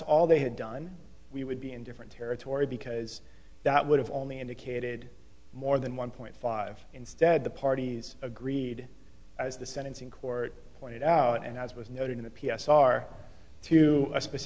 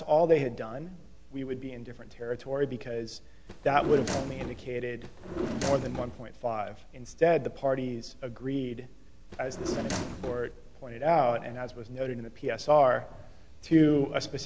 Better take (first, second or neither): first